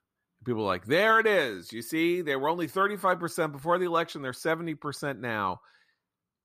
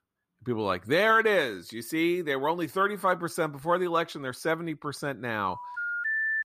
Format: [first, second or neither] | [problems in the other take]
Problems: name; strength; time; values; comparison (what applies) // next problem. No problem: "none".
first | phone ringing; loud; at 5.5 s; peak 1 dB above the speech